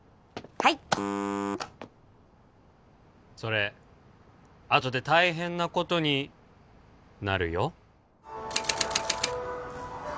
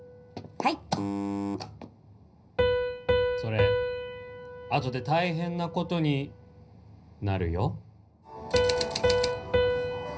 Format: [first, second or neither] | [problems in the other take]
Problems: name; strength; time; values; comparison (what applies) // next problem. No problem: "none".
first | background sound (Piano); 1 dB above the speech // room echo; dies away in 0.4 s